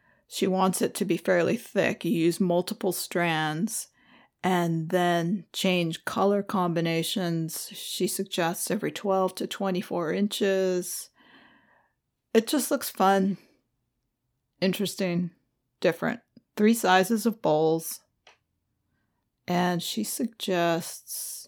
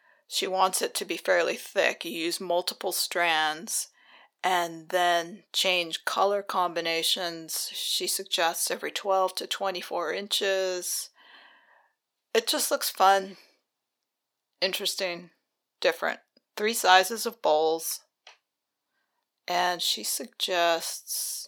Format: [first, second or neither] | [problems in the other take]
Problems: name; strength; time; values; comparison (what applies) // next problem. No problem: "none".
first | thin; very; fading below 650 Hz